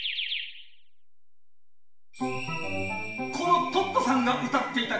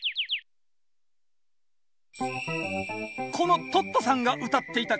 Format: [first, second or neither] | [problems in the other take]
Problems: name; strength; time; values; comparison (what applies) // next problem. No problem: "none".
second | room echo; dies away in 0.8 s